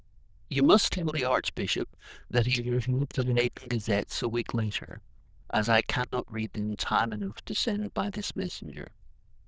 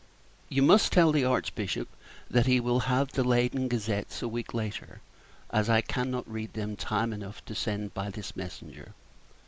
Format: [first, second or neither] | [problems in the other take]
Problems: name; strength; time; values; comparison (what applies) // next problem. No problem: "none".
second | noise reduction (neural diffusion model UNIVERSE++)